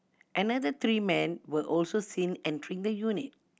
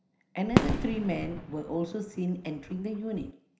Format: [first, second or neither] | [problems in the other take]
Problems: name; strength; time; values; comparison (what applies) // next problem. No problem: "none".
first | background sound (Fireworks); 1 dB above the speech // room echo; dies away in 0.5 s